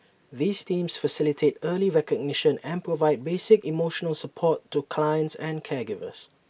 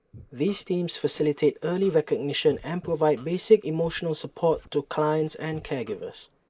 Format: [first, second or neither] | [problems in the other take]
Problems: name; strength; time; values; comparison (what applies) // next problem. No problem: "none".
first | noise reduction (neural mask model Resemble Enhance denoiser)